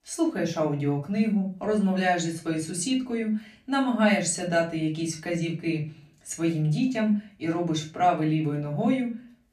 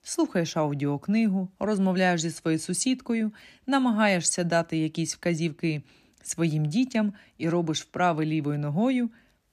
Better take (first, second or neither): second